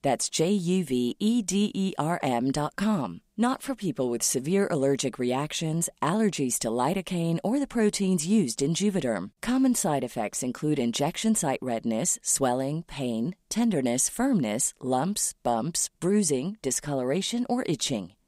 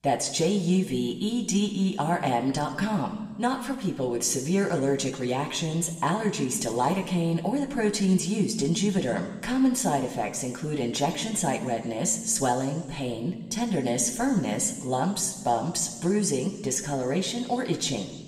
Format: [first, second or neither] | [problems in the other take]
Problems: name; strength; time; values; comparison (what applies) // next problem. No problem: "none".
first | room echo; slight; dies away in 1.2 s